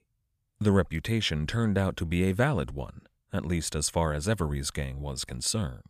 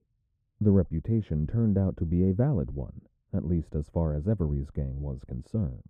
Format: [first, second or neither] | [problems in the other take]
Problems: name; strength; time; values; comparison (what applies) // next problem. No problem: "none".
first | muffled; very; fading above 1.5 kHz